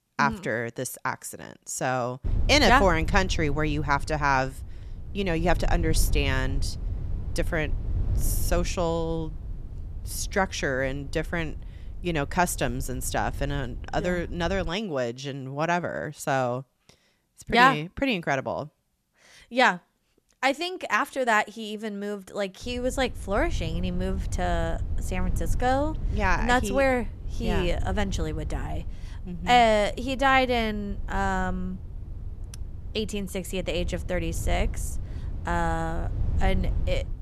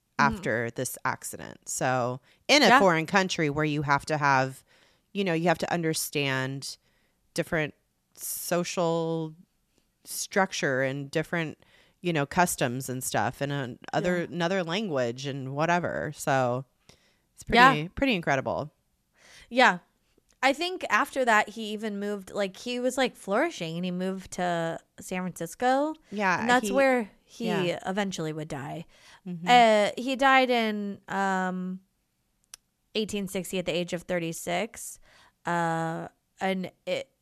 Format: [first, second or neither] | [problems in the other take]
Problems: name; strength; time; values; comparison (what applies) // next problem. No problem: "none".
second | low rumble; faint; from 2.5 to 15 s and from 23 s on; 25 dB below the speech